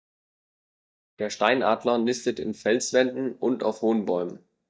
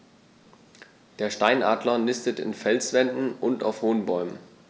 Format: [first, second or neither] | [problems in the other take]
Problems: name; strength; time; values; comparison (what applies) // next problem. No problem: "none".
second | noise reduction (neural mask model DeepFilterNet 3)